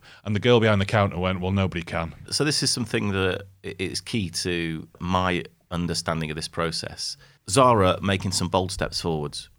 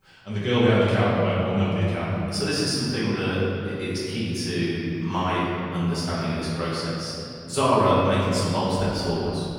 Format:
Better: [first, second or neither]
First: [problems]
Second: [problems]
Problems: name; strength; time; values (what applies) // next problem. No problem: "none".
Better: first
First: none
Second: off-mic speech; far // room echo; strong; dies away in 2.9 s